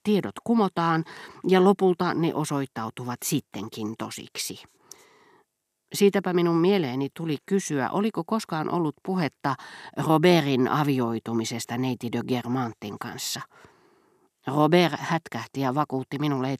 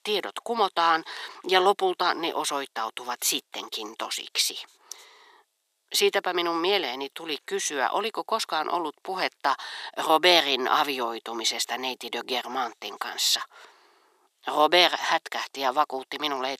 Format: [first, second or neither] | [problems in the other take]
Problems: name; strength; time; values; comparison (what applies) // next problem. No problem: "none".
first | thin; very; fading below 500 Hz